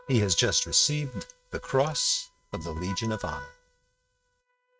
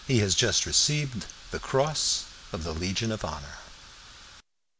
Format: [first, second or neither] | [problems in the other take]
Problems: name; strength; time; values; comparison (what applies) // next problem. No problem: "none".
second | noise reduction (neural mask model RNNoise)